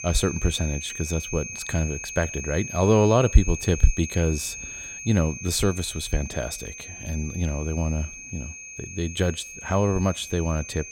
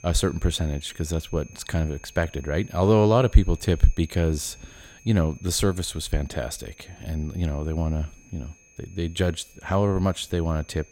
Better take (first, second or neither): second